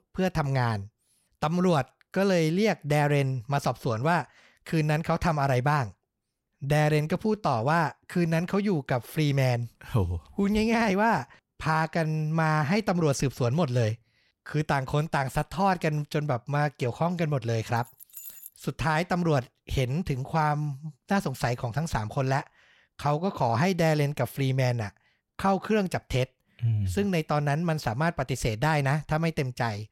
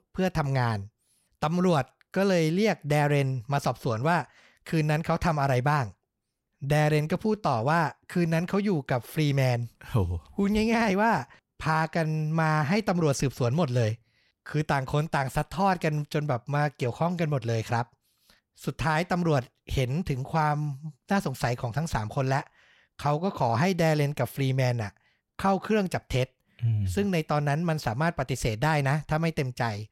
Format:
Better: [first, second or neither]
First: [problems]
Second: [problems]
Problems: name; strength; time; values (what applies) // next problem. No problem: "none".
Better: second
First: jangling keys; faint; at 18 s; peak 15 dB below the speech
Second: none